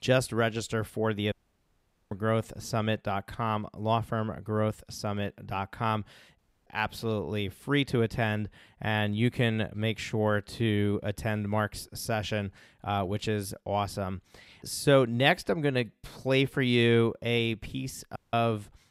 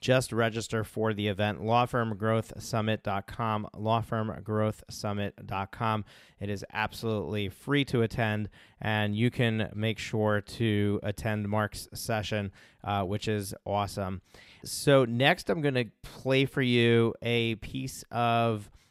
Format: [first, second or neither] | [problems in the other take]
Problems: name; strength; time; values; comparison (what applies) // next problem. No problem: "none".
second | audio cutting out; at 1.5 s for 1 s, at 6.5 s and at 18 s